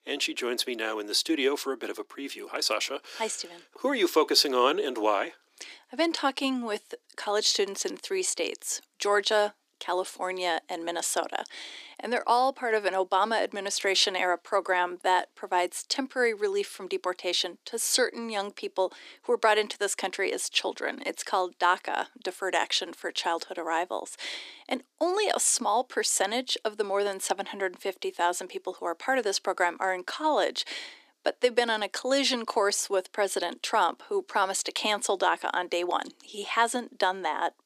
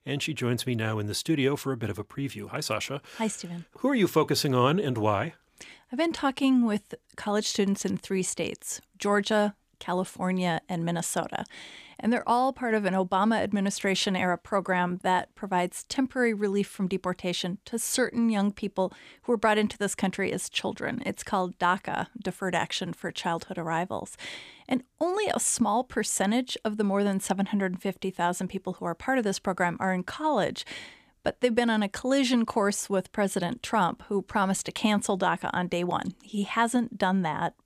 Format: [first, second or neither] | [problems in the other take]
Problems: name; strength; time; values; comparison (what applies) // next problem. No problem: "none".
second | thin; somewhat; fading below 300 Hz